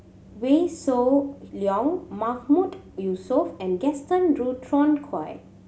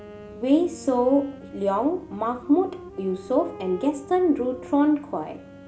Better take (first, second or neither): first